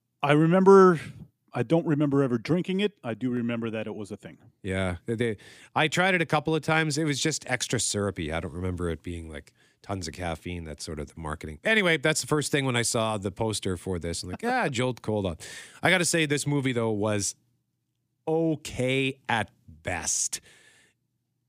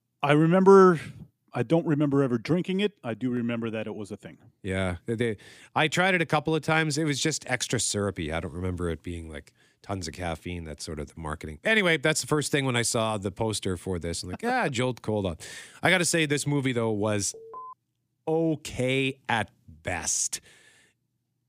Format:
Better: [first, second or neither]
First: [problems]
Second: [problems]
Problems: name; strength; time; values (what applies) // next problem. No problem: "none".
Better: first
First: none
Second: alarm; faint; at 17 s; peak 15 dB below the speech